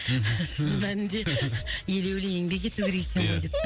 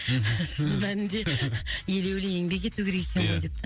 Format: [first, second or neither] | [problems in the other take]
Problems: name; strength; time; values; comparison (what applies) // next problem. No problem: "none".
second | background sound (Dog); 12 dB below the speech